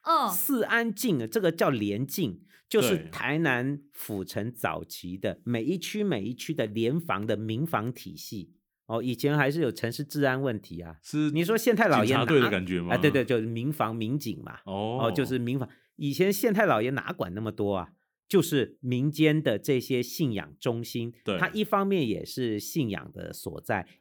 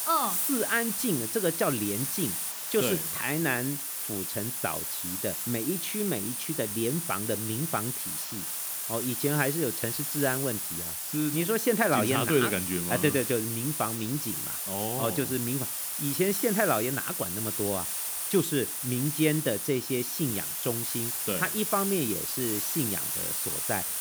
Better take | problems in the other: first | hiss; loud; throughout; as loud as the speech

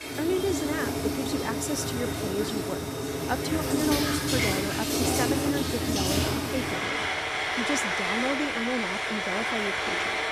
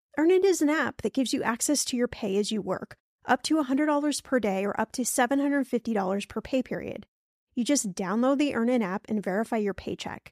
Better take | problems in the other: second | household noises; very loud; throughout; 5 dB above the speech

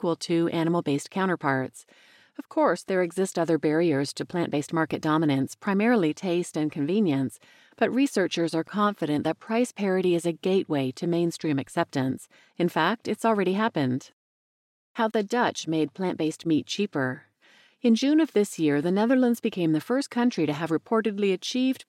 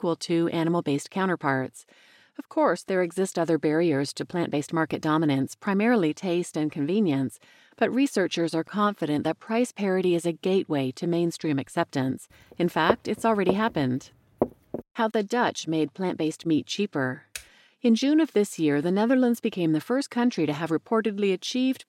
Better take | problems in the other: first | footsteps; noticeable; from 13 to 15 s; peak 3 dB below the speech // keyboard typing; faint; at 17 s; peak 15 dB below the speech

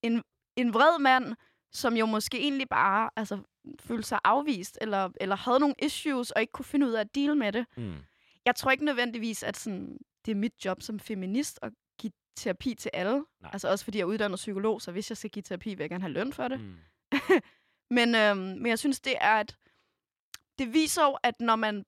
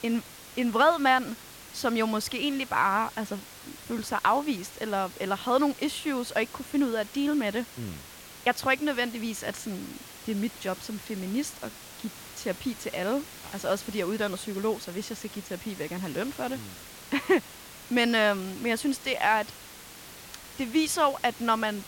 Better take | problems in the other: first | hiss; noticeable; throughout; 15 dB below the speech

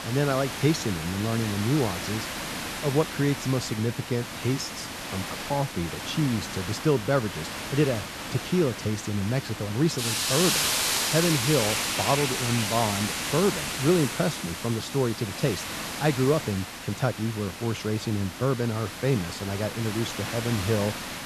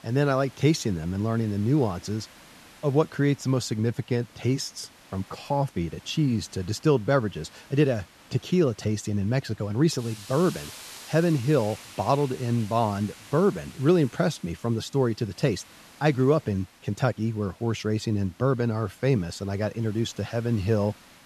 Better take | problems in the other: second | hiss; loud; throughout; 3 dB below the speech; faint in the second

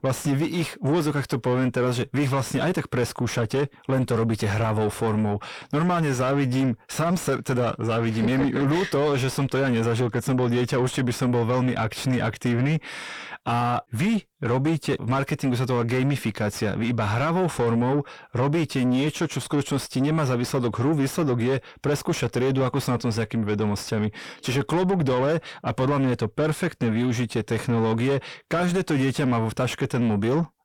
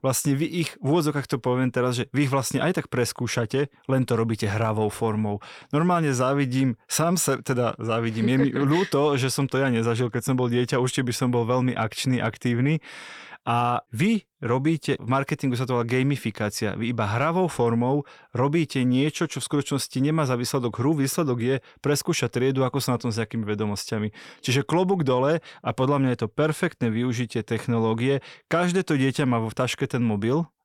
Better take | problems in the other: second | distortion; slight; 10 dB below the speech

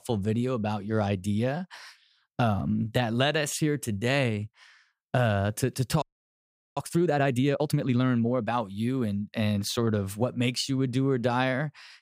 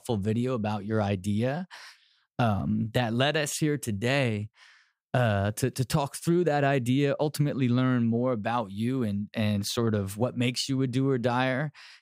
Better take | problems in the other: second | audio freezing; at 6 s for 1 s

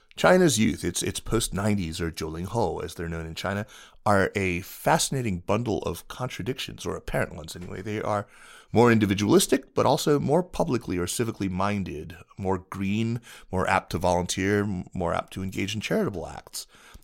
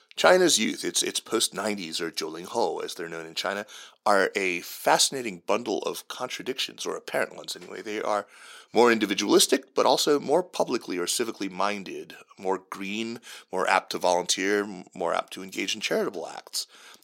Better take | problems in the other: first | thin; somewhat; fading below 300 Hz

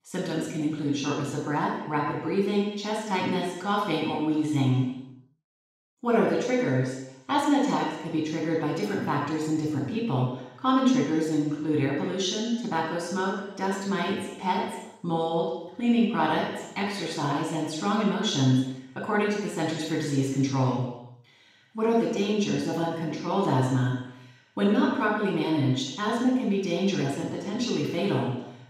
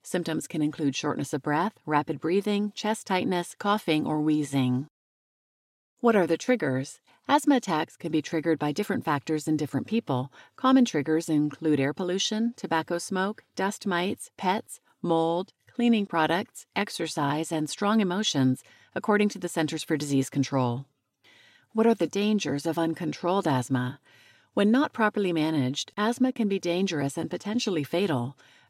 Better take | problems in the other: second | room echo; strong; dies away in 0.9 s // off-mic speech; far

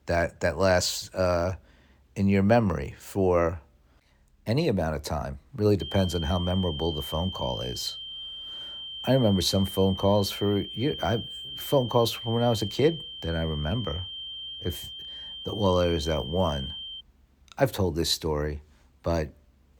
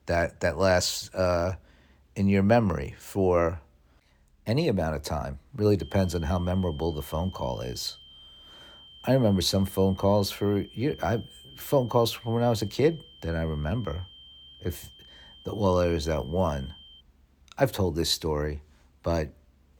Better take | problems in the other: second | high-pitched whine; loud; from 6 to 17 s; 3 kHz, 9 dB below the speech; faint in the second

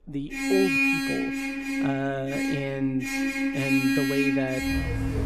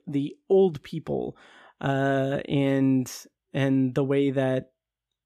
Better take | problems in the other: second | traffic noise; very loud; throughout; 4 dB above the speech

